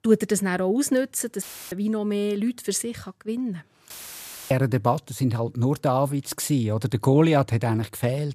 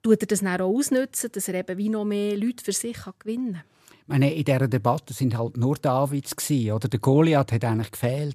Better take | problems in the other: second | audio cutting out; filled with static; at 1.5 s and at 4 s for 0.5 s

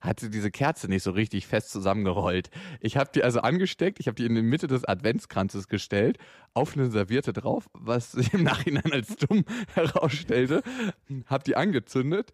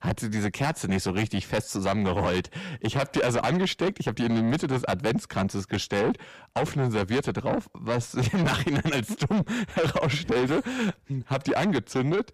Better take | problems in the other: first | distortion; heavy; 7 dB below the speech

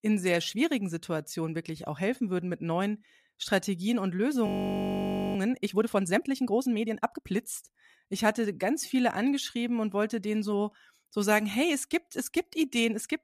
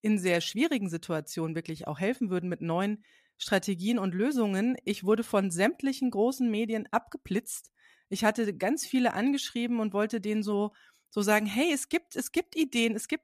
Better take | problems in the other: second | audio freezing; at 4.5 s for 1 s

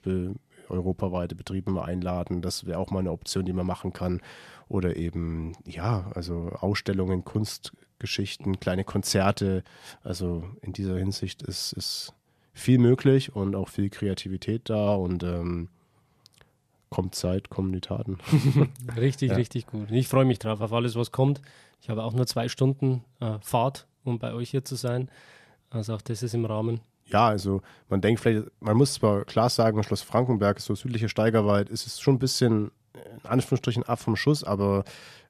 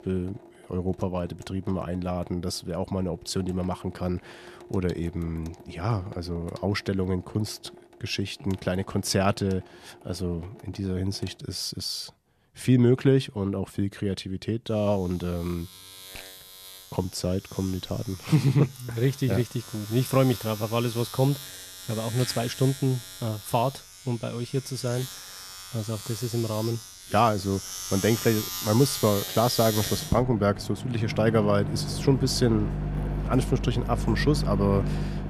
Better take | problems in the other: first | household noises; loud; throughout; 7 dB below the speech

